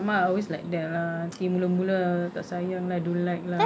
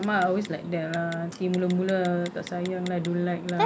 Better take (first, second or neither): first